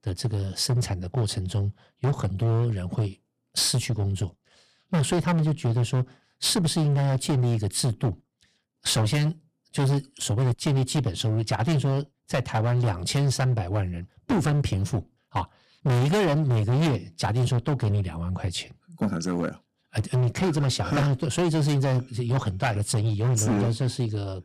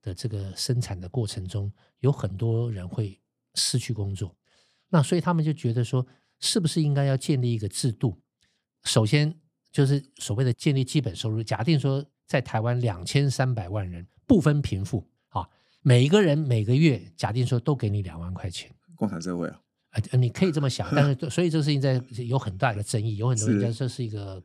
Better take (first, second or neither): second